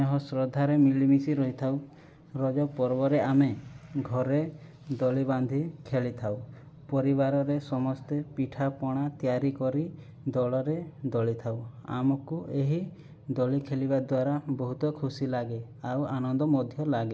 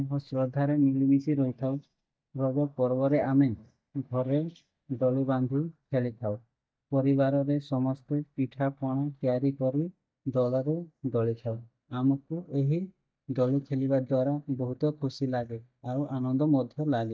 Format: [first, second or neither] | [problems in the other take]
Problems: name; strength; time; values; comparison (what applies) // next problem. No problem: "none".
first | noise reduction (neural mask model DeepFilterNet 3)